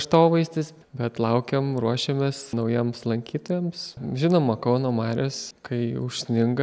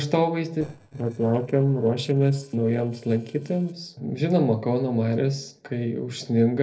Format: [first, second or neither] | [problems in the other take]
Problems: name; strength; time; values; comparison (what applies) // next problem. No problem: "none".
first | noise reduction (neural separator model SepFormer DNS4)